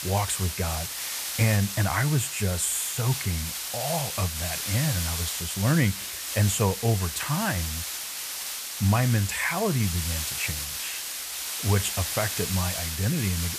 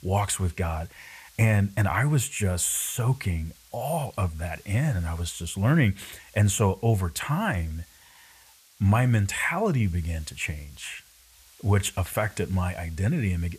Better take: second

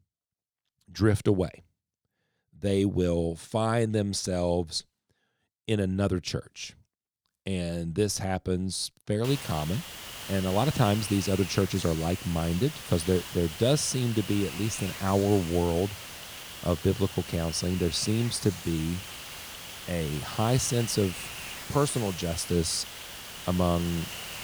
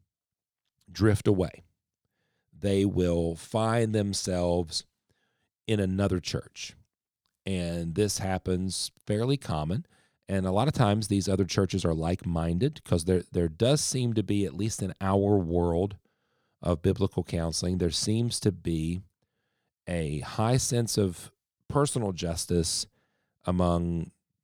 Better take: second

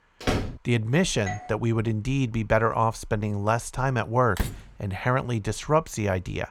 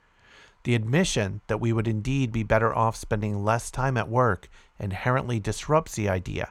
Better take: second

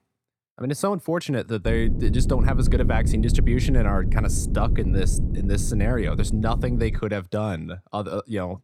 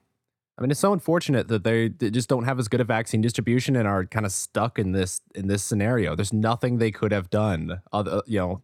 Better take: second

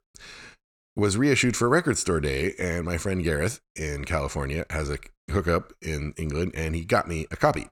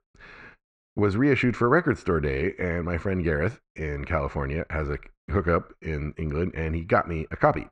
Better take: first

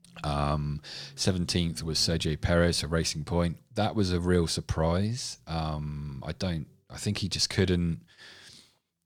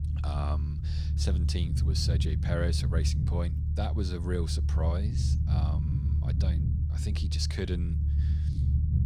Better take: first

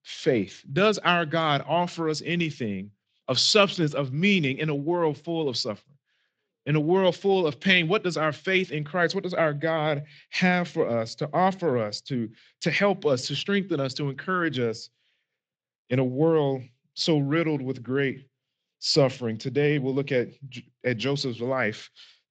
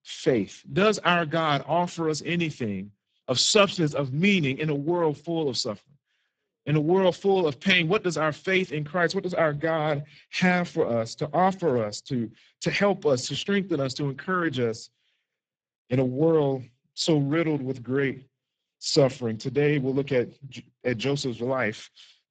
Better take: first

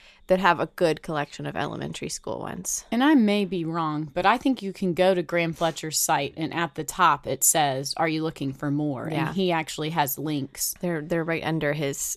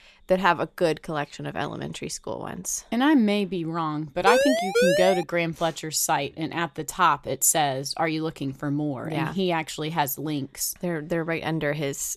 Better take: first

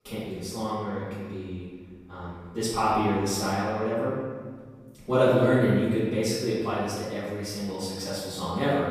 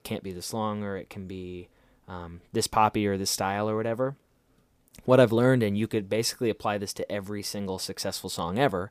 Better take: second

